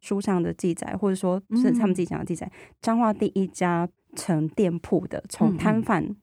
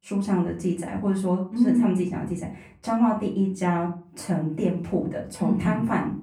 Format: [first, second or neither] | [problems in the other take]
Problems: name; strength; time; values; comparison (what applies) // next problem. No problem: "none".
first | off-mic speech; far // room echo; slight; dies away in 0.3 s